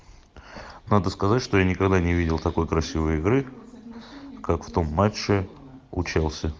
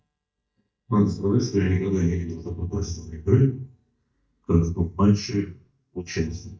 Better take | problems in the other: first | noise reduction (neural mask model DeepFilterNet 3)

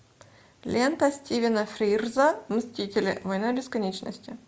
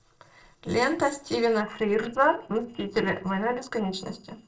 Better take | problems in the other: first | noise reduction (neural separator model SepFormer DNS4)

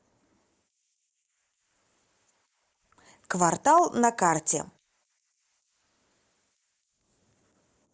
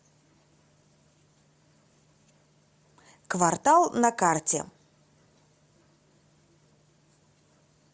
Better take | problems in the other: second | noise reduction (neural mask model Resemble Enhance denoiser)

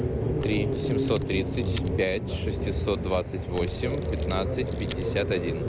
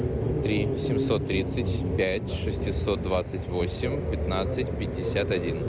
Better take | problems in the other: second | background sound (Camera); 17 dB below the speech

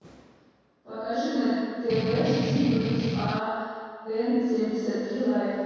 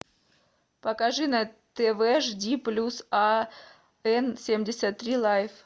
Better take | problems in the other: second | background sound (Strum); 1 dB below the speech // room echo; dies away in 1.9 s

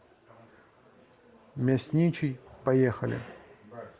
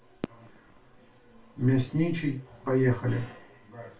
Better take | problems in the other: first | background sound (Fireworks); 17 dB below the speech // room echo; dies away in 0.2 s

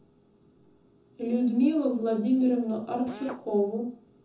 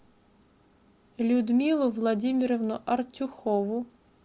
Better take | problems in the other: second | background sound (Drill); 15 dB below the speech // room echo; dies away in 0.5 s

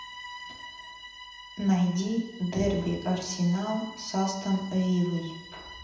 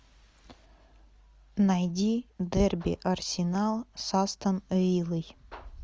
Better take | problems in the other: second | background sound (Bowed string instrument); 16 dB below the speech // room echo; dies away in 0.8 s

